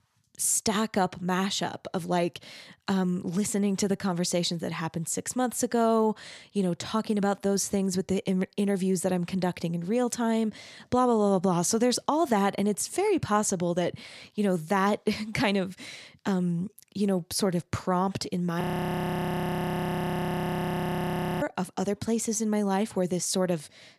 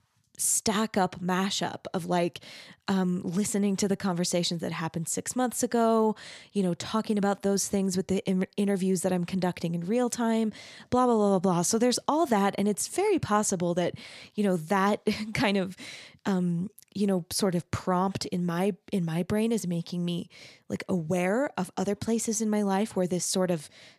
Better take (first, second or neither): second